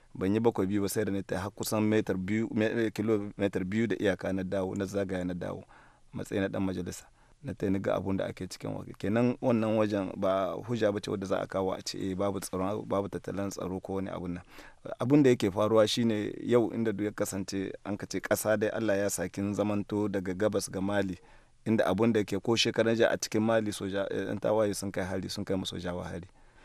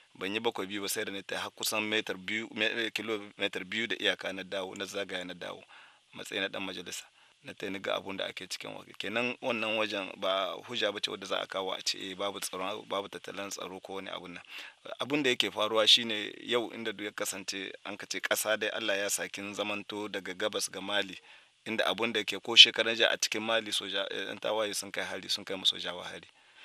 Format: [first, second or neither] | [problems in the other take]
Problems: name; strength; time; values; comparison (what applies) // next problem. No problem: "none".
first | thin; somewhat; fading below 1 kHz